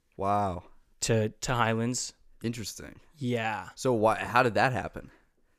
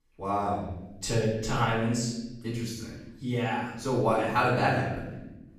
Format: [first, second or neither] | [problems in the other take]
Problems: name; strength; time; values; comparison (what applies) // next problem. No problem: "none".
first | off-mic speech; far // room echo; noticeable; dies away in 1.1 s